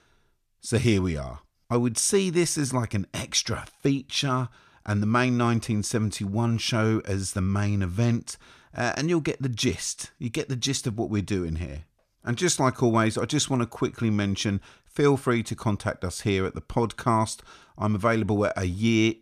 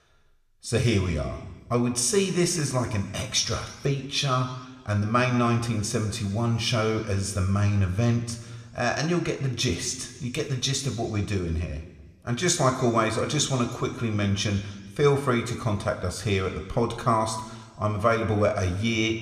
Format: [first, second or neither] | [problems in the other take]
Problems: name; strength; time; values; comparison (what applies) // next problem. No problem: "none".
first | room echo; slight; dies away in 1.2 s